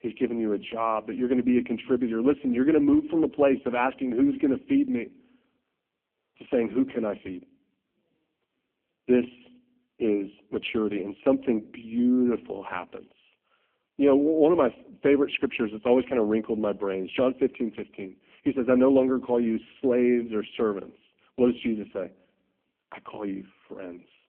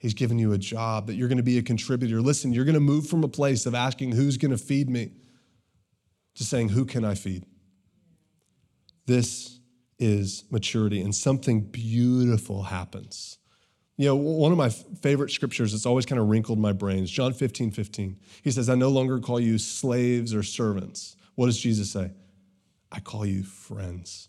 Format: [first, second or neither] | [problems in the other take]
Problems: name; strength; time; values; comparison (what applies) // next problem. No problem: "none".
second | phone-call audio; poor line